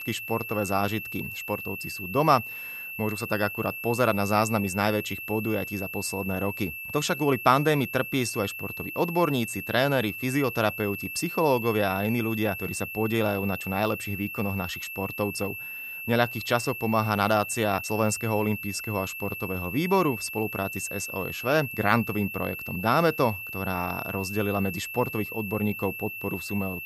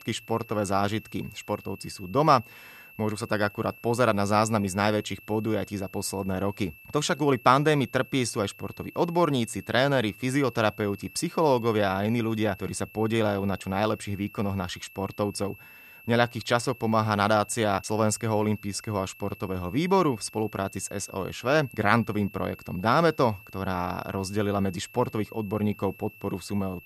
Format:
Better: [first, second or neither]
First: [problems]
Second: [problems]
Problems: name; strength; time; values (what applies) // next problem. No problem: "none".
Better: second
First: high-pitched whine; loud; throughout; 2.5 kHz, 7 dB below the speech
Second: high-pitched whine; faint; throughout; 2.5 kHz, 20 dB below the speech